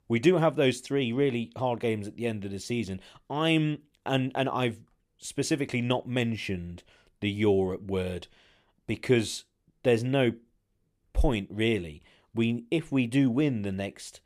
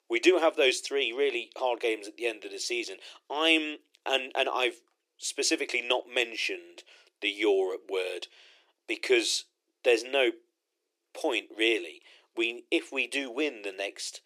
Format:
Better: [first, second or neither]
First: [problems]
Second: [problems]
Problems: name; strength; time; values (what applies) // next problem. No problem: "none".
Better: first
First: none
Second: thin; very; fading below 350 Hz